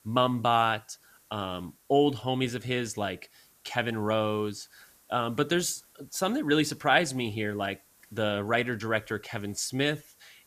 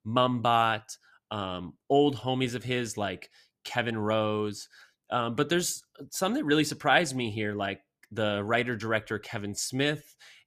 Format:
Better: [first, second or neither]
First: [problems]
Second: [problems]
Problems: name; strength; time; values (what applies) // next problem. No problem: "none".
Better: second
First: hiss; faint; throughout; 30 dB below the speech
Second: none